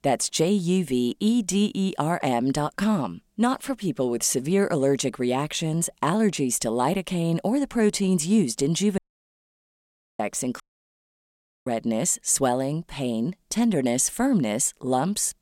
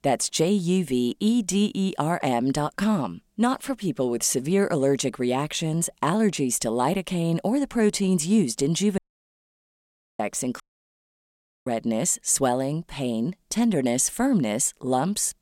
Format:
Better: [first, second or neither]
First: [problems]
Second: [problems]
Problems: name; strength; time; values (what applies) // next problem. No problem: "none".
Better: neither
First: audio cutting out; at 9 s for 1 s and at 11 s for 1 s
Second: audio cutting out; at 9 s for 1 s and at 11 s for 1 s